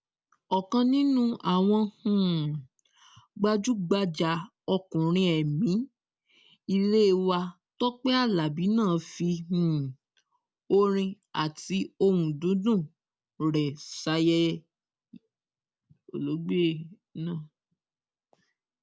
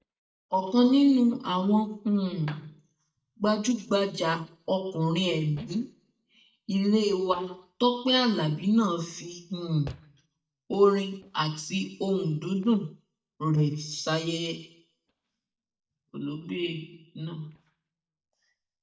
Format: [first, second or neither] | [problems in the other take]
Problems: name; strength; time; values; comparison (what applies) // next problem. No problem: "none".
first | noise reduction (neural mask model DeepFilterNet 3)